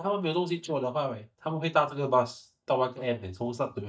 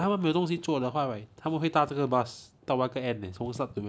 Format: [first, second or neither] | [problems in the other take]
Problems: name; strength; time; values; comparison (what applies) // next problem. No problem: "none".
second | noise reduction (neural mask model DeepFilterNet 3)